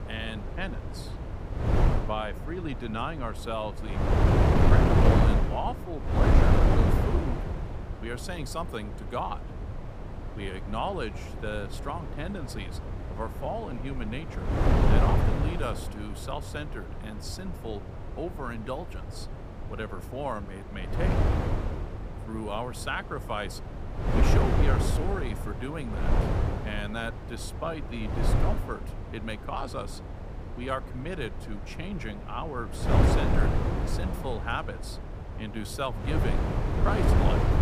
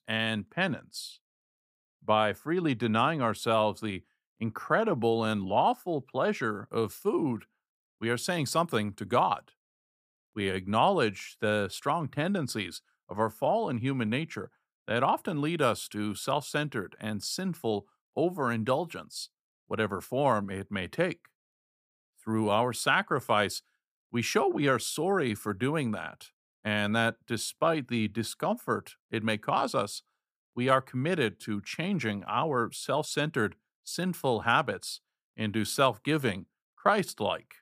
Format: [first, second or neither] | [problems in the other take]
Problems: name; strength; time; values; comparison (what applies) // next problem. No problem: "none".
second | wind noise on the microphone; heavy; 1 dB above the speech